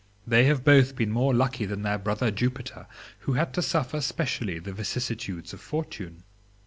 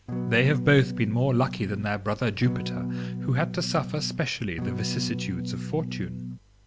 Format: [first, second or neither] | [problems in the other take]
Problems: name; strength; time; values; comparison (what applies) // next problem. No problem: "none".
first | background sound (Electric guitar / Strum); 5 dB below the speech